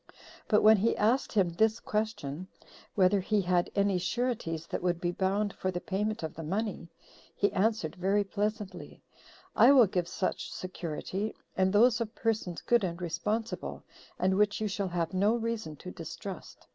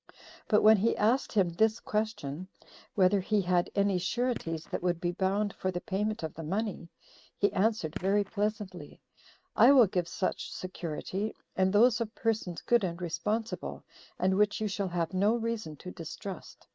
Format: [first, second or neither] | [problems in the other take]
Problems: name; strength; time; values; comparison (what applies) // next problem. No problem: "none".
first | noise reduction (neural mask model RNNoise)